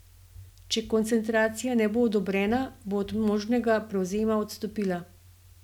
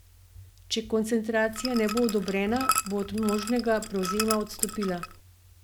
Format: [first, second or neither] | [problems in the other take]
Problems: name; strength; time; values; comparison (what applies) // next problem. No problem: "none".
first | background sound (Liquid); 5 dB below the speech